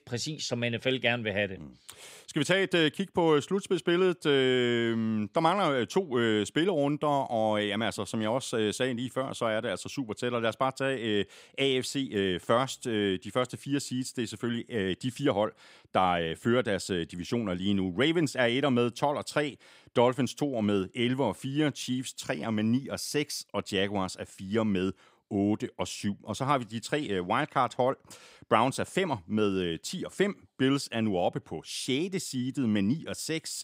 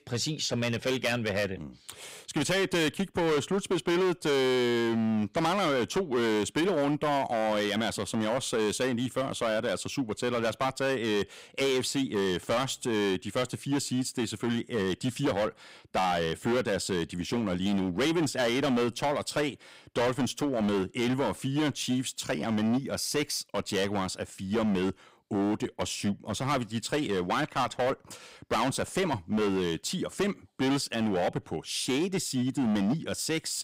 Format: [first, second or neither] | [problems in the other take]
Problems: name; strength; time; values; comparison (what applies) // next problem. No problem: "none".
first | distortion; heavy; 15% of the sound clipped